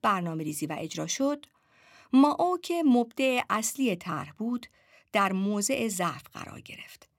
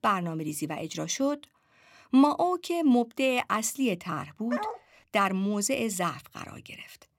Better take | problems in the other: first | dog barking; noticeable; at 4.5 s; peak 7 dB below the speech

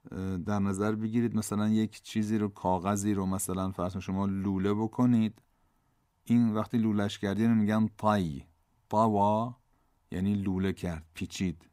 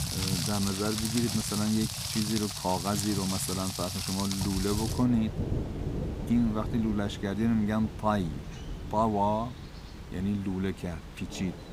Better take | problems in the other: first | rain or running water; loud; throughout; 4 dB below the speech

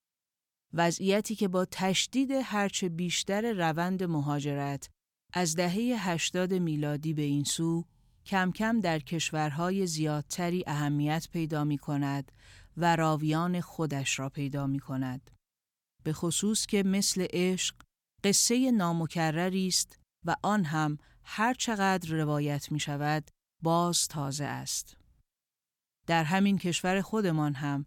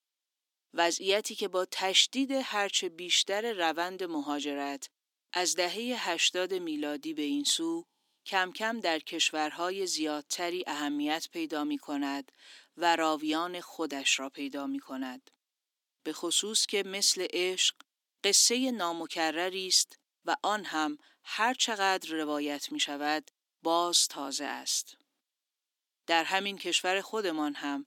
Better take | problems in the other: first | thin; somewhat; fading below 300 Hz

